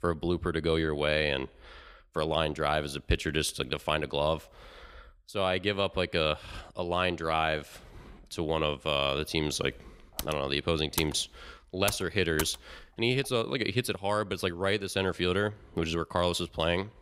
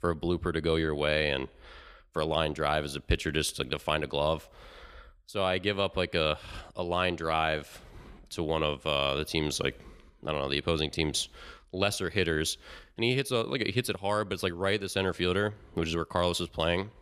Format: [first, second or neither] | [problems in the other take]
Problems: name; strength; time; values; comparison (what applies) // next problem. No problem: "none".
second | keyboard typing; noticeable; from 10 to 13 s; peak 7 dB below the speech